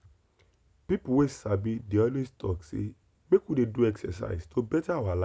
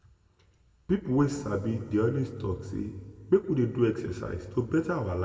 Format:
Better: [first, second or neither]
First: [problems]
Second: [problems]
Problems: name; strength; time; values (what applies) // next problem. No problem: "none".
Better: first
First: none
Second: room echo; dies away in 1.8 s